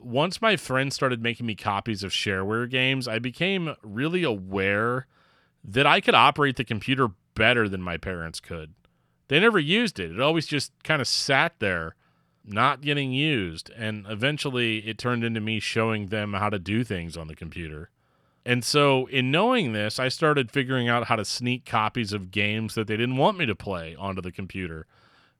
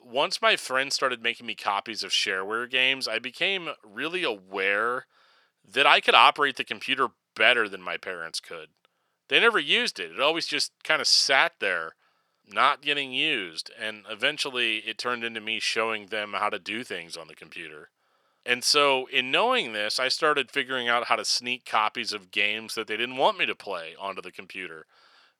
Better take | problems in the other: first | thin; somewhat; fading below 500 Hz

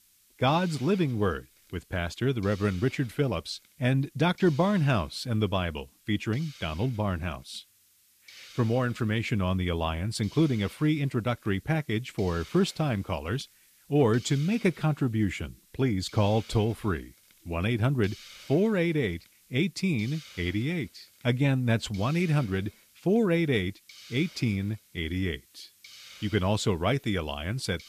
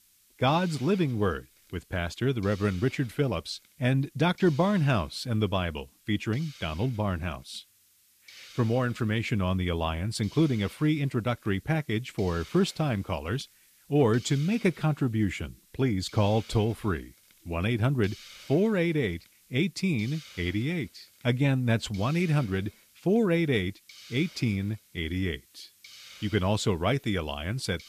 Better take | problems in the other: neither | hiss; faint; throughout; 25 dB below the speech; the same in both

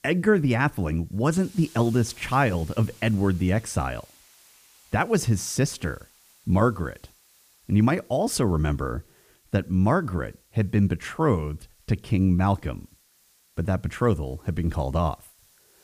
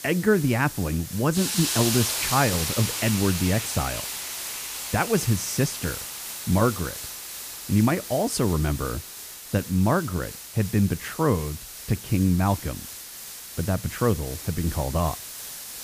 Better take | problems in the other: first | hiss; loud; throughout; 6 dB below the speech; faint in the first

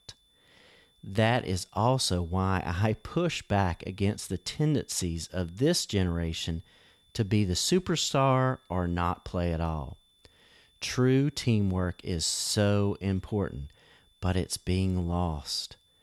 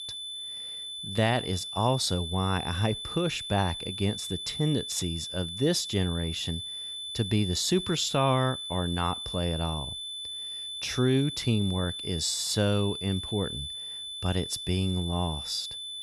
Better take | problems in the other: first | high-pitched whine; loud; throughout; 3.5 kHz, 6 dB below the speech; faint in the first

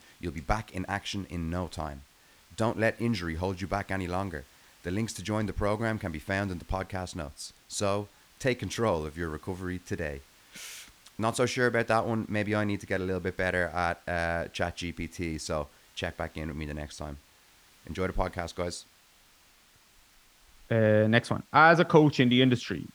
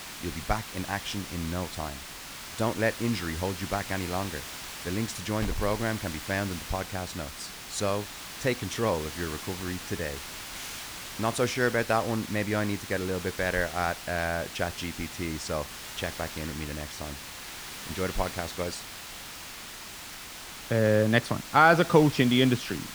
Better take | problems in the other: first | hiss; loud; throughout; 10 dB below the speech; faint in the first

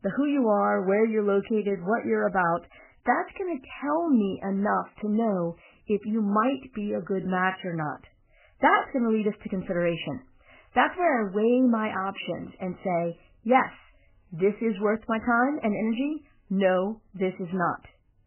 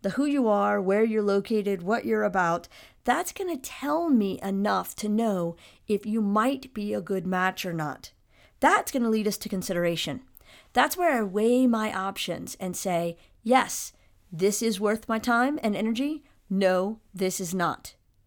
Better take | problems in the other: second | garbled, watery; badly; nothing above 3 kHz

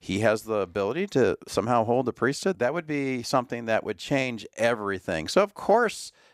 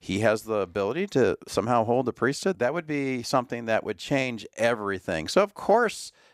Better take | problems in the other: neither | none

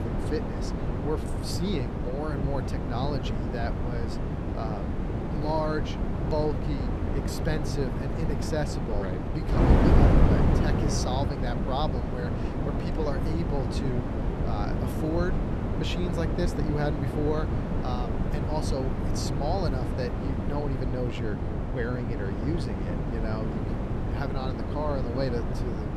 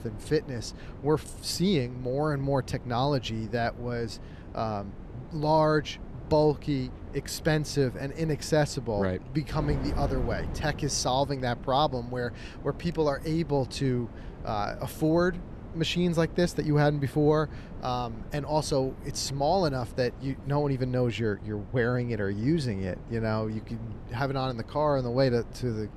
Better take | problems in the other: second | wind noise on the microphone; heavy; as loud as the speech; occasional gusts in the second

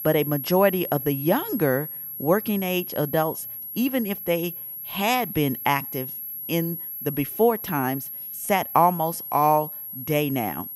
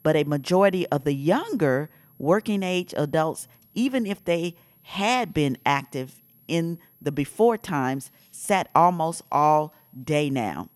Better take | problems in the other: second | high-pitched whine; loud; throughout; 11.5 kHz, 8 dB below the speech; faint in the second

